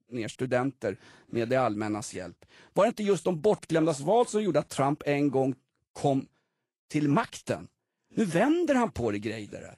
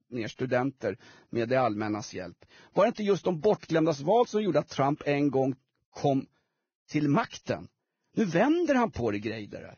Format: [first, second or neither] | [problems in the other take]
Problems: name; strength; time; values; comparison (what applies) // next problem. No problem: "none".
first | garbled, watery; badly; nothing above 6.5 kHz; slightly in the first